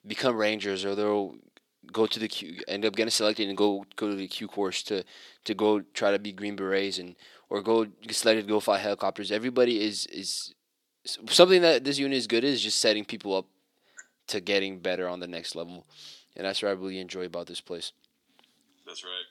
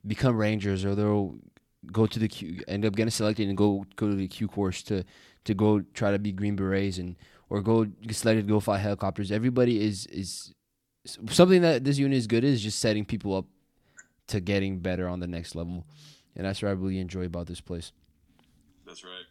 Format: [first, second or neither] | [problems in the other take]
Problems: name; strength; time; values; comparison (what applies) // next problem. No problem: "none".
second | thin; somewhat; fading below 400 Hz